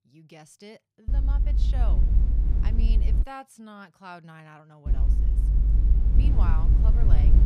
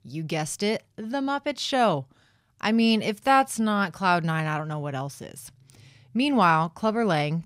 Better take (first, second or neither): second